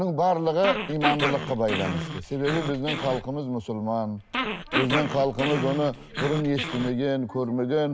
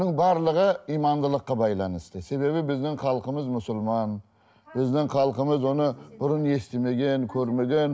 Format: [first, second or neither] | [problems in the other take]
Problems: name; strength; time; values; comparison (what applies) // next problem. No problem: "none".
second | background sound (Growling); 4 dB below the speech